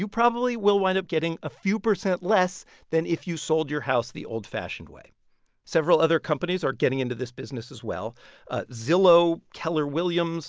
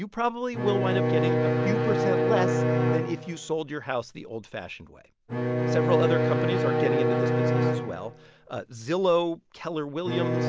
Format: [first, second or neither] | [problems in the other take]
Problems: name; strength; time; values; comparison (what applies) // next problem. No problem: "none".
first | background sound (Bowed string instrument); 4 dB above the speech